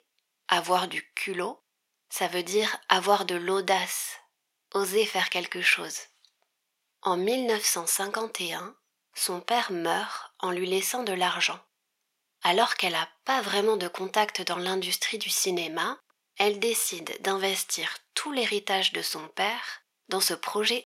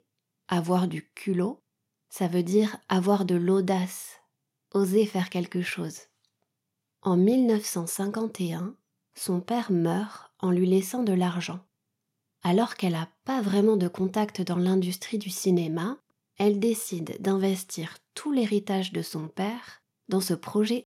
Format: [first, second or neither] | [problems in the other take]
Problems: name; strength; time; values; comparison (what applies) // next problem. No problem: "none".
second | thin; very; fading below 650 Hz